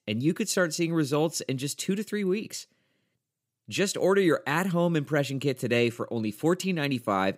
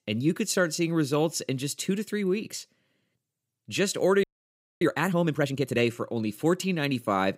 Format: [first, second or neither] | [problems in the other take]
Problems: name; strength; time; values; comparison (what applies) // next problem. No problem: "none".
first | audio freezing; at 4 s for 0.5 s